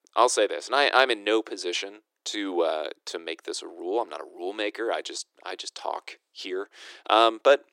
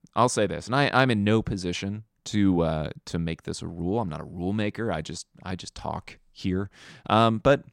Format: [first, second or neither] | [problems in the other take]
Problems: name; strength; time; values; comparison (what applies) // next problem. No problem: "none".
second | thin; very; fading below 350 Hz